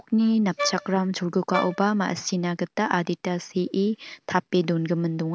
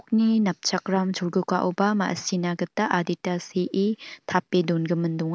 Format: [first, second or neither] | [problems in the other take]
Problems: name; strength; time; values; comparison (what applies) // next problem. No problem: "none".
second | background sound (Wind instrument, woodwind instrument); 8 dB below the speech